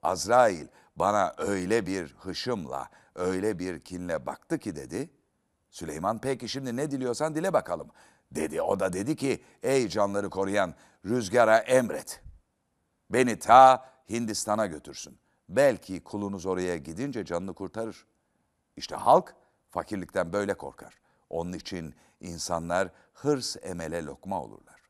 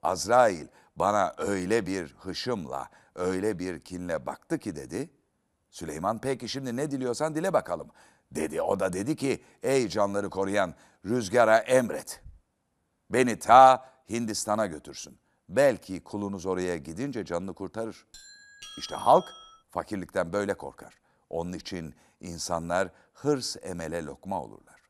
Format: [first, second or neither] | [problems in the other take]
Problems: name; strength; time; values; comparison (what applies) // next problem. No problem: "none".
first | doorbell; faint; from 18 to 20 s; peak 15 dB below the speech